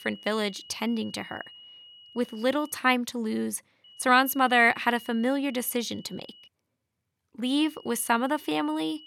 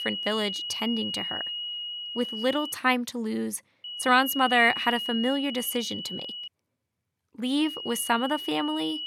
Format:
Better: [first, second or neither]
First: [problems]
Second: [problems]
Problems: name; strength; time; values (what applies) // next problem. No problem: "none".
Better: first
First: high-pitched whine; faint; until 2.5 s, from 4 to 6.5 s and from 7.5 s on; 3 kHz, 20 dB below the speech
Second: high-pitched whine; loud; until 2.5 s, from 4 to 6.5 s and from 7.5 s on; 3 kHz, 6 dB below the speech